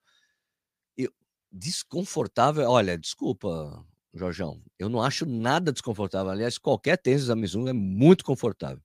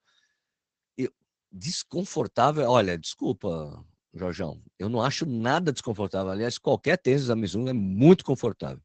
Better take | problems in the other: first | garbled, watery; badly; nothing above 8 kHz

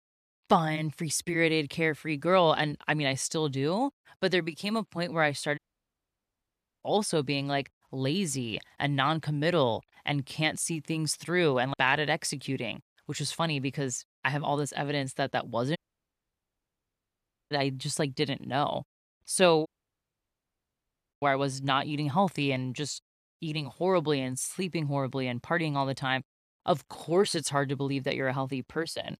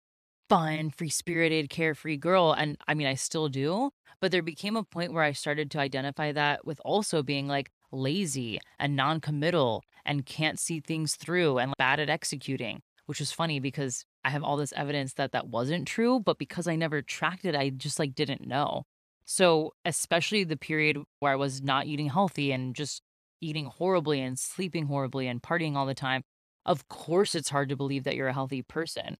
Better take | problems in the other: second | audio cutting out; at 5.5 s for 1.5 s, at 16 s for 1.5 s and at 20 s for 1.5 s

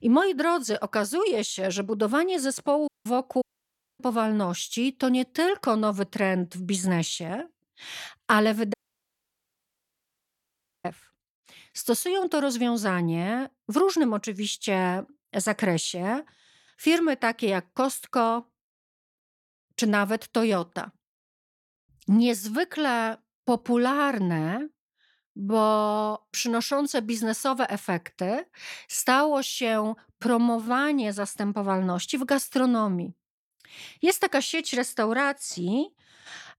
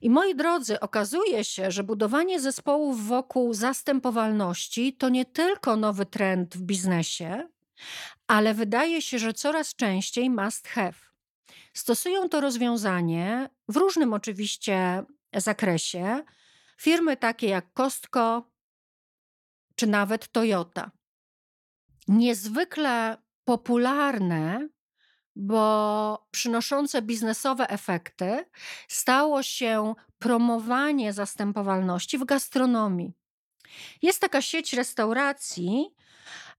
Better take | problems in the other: second | audio cutting out; at 3 s, at 3.5 s for 0.5 s and at 8.5 s for 2 s

